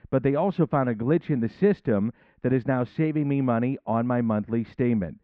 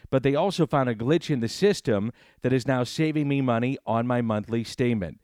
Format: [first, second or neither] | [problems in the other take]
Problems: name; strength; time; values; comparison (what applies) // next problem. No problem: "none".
second | muffled; very; fading above 2 kHz